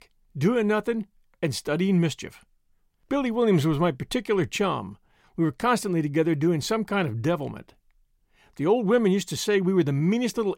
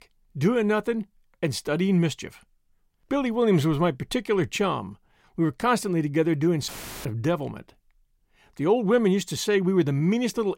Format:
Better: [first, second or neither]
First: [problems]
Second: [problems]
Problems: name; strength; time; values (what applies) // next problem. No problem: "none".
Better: first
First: none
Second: audio cutting out; filled with static; at 6.5 s